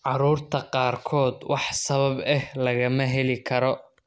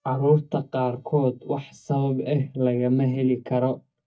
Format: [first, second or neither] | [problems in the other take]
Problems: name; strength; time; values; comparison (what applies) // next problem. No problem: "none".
first | noise reduction (neural mask model DeepFilterNet 3)